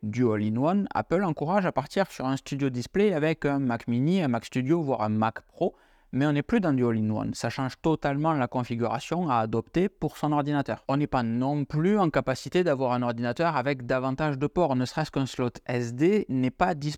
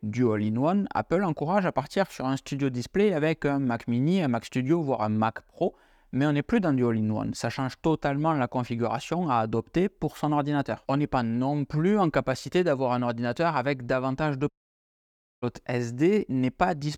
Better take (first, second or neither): first